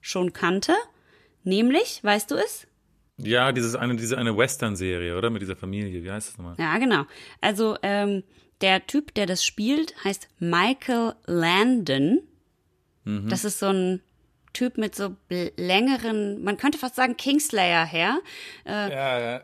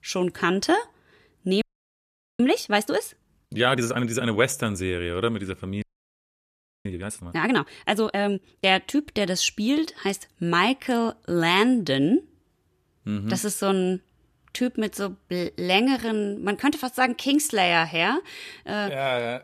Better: first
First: none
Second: audio freezing; at 1.5 s for 1 s and at 6 s for 1 s

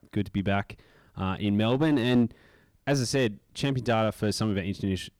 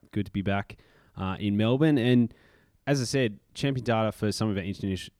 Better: second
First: distortion; slight; 5% of the sound clipped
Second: none

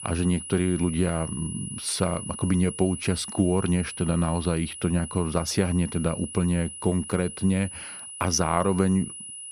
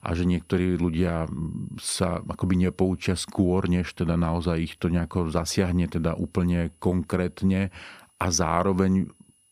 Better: second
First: high-pitched whine; loud; throughout; 10 kHz, 10 dB below the speech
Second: high-pitched whine; faint; throughout; 10 kHz, 35 dB below the speech

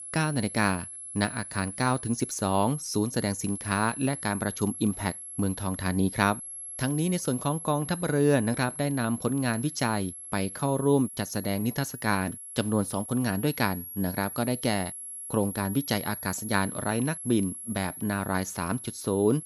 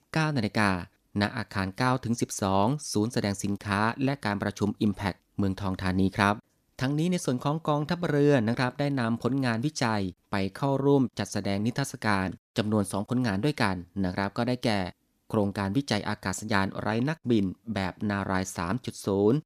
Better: second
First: high-pitched whine; loud; throughout; 11 kHz, 9 dB below the speech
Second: none

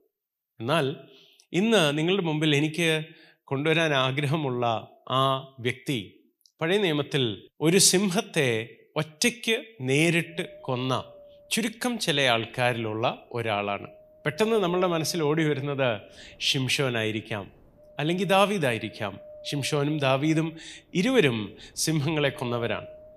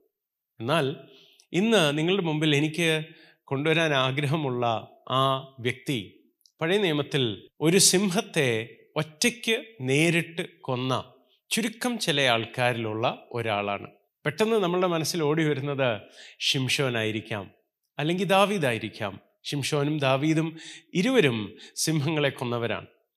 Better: second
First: wind noise on the microphone; occasional gusts; from 10 s on; 20 dB below the speech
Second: none

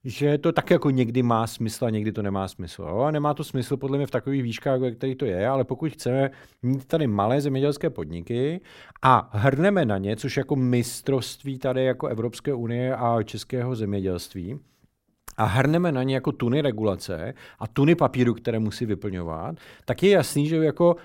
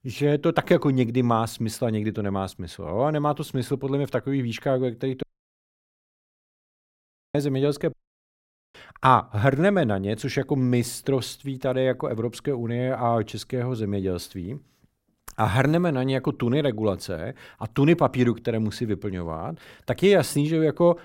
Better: first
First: none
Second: audio cutting out; at 5 s for 2 s and at 8 s for 1 s

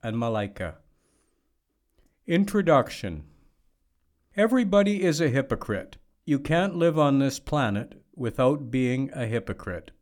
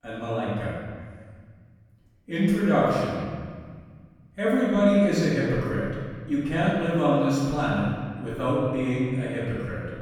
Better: first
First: none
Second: off-mic speech; far // room echo; strong; dies away in 1.7 s

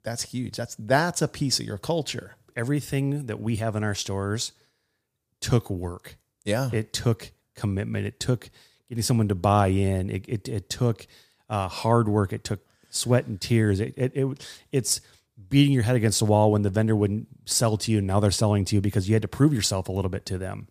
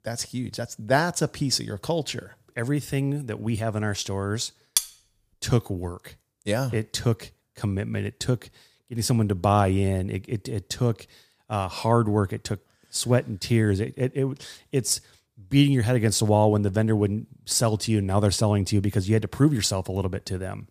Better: first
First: none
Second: clattering dishes; noticeable; at 5 s; peak level with the speech

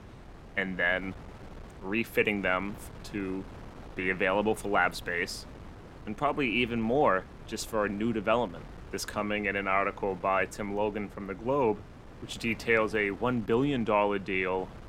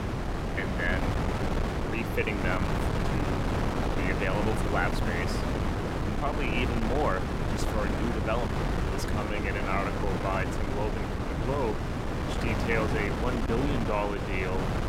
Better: first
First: wind noise on the microphone; occasional gusts; 20 dB below the speech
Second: wind noise on the microphone; heavy; 1 dB below the speech

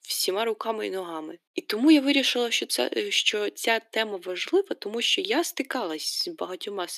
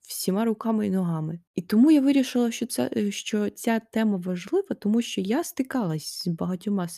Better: second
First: thin; somewhat; fading below 300 Hz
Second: none

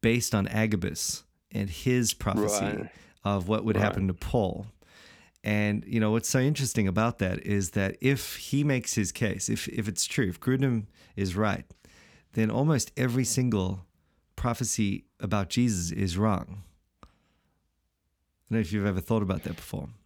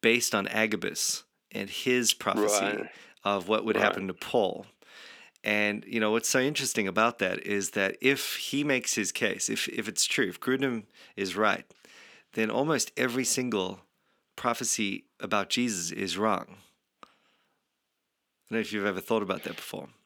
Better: first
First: none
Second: thin; somewhat; fading below 350 Hz

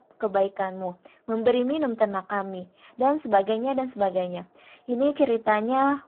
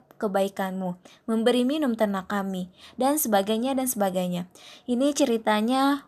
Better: second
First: phone-call audio; poor line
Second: none

